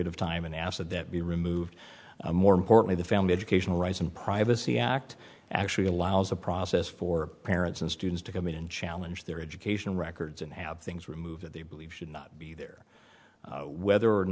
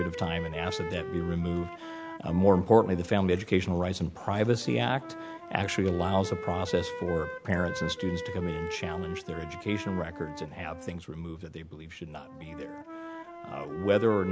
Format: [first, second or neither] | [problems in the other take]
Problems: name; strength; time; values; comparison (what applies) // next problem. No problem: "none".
first | background sound (Wind instrument, woodwind instrument); 11 dB below the speech